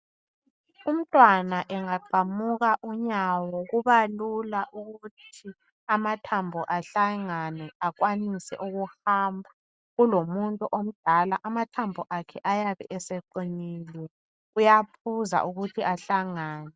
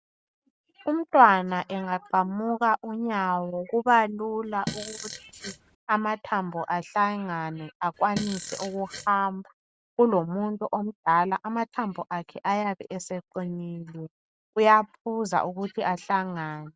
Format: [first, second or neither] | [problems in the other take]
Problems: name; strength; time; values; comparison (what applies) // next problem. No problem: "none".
first | background sound (Fart); 11 dB below the speech